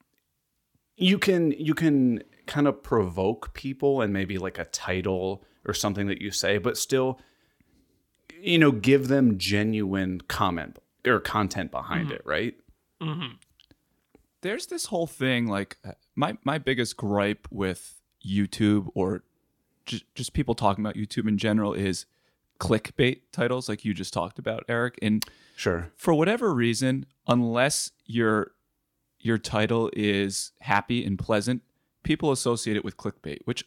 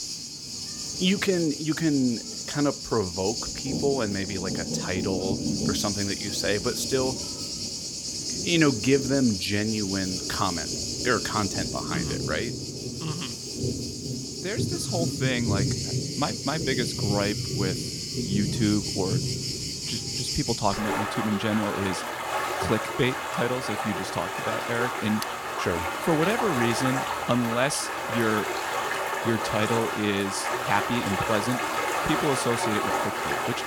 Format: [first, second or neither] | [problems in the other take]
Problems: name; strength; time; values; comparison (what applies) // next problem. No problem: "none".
first | rain or running water; loud; throughout; 1 dB below the speech